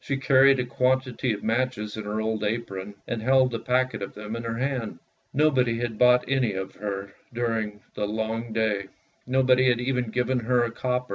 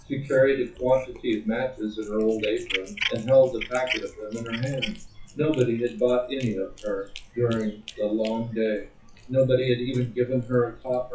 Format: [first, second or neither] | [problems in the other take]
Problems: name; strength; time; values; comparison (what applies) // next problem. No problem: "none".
first | noise reduction (classical method WPE with log-MMSE)